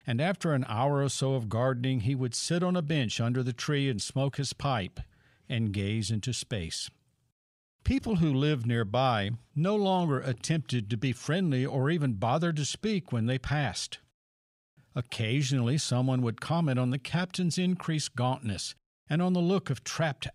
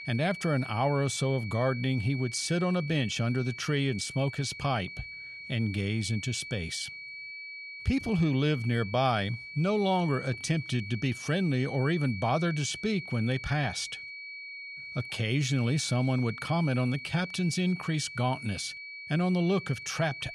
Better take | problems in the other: first | high-pitched whine; noticeable; throughout; 2.5 kHz, 10 dB below the speech

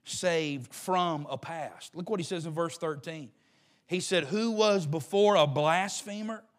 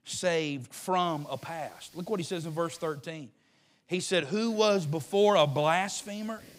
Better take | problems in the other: first | hiss; faint; from 1 to 3 s and from 4.5 s on; 25 dB below the speech

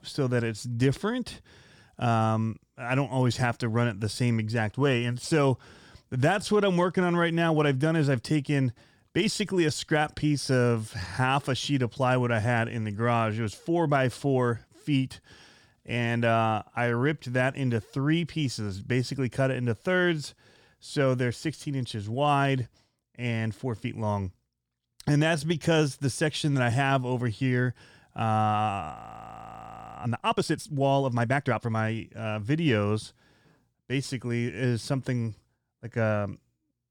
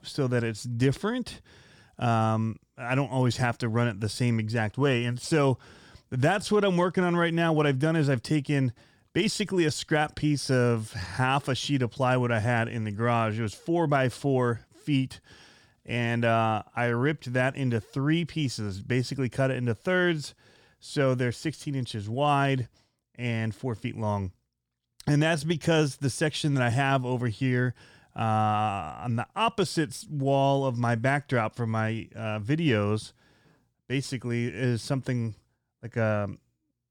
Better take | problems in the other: second | audio freezing; at 29 s for 1 s

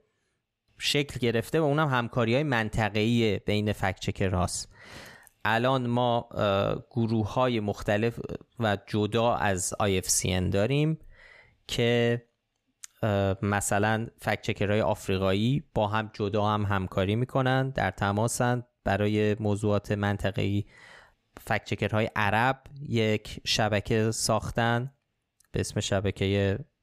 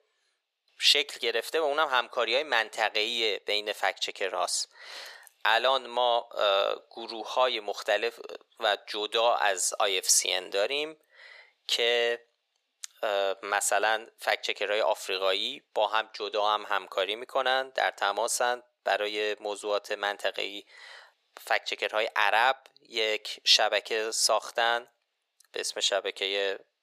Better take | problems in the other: first | thin; very; fading below 500 Hz

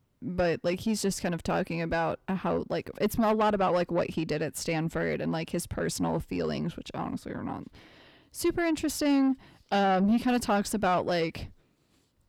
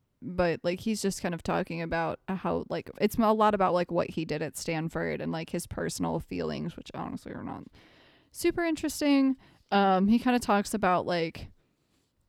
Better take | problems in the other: second | distortion; slight; 10 dB below the speech

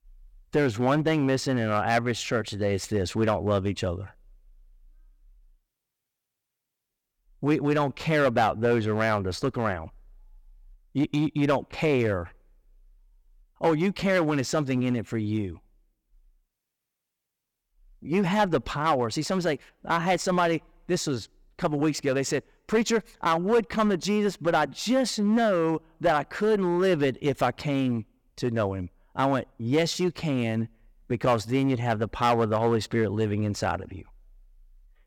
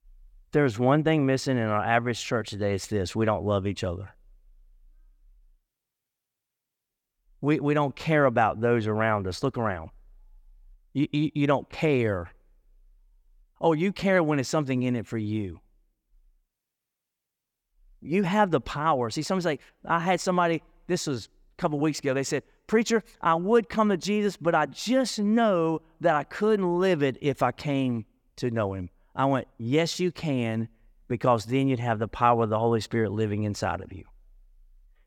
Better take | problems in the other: second | distortion; slight; 4% of the sound clipped

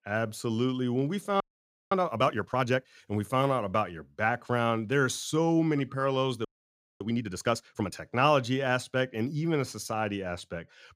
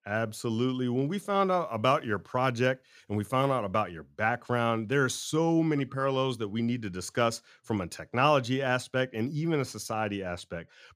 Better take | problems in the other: second | audio freezing; at 1.5 s for 0.5 s and at 6.5 s for 0.5 s

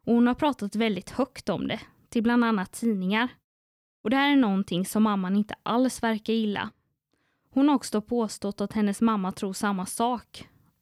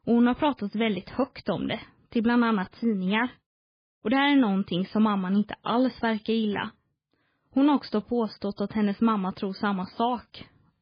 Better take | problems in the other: first | garbled, watery; badly; nothing above 4.5 kHz

